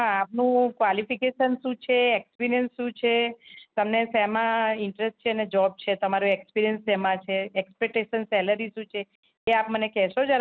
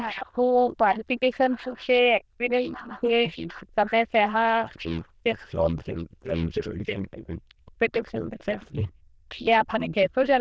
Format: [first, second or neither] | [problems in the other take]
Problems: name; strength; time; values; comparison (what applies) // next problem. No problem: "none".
first | noise reduction (neural diffusion model UNIVERSE++)